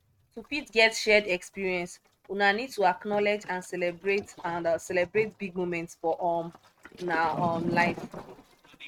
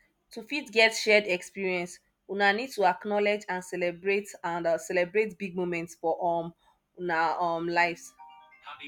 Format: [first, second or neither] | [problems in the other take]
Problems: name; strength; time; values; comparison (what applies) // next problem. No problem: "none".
second | noise reduction (neural mask model RNNoise)